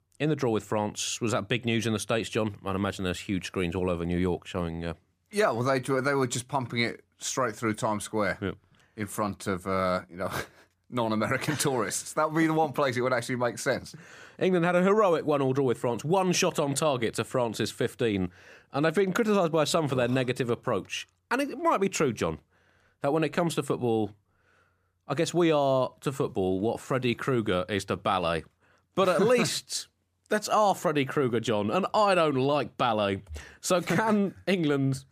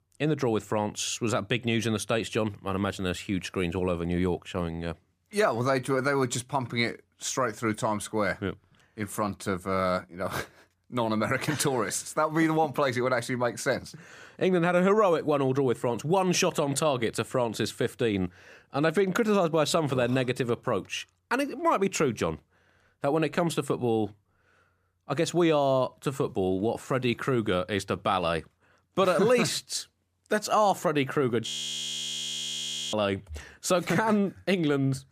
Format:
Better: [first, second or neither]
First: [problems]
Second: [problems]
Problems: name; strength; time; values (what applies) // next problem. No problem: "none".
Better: first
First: none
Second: audio freezing; at 31 s for 1.5 s